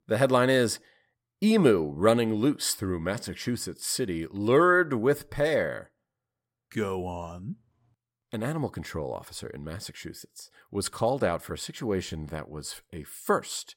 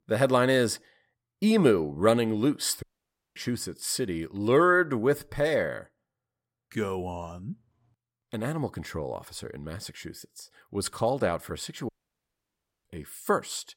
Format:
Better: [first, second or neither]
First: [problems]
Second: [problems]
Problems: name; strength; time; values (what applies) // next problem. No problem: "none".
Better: first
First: none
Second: audio cutting out; at 3 s for 0.5 s and at 12 s for 1 s